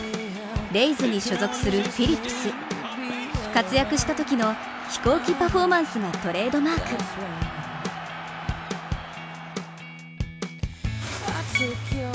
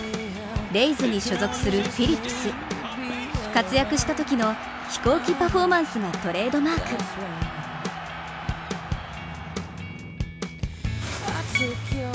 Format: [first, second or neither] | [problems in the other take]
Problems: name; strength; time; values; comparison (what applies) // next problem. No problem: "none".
first | background sound (Motorcycle / Crow); 18 dB below the speech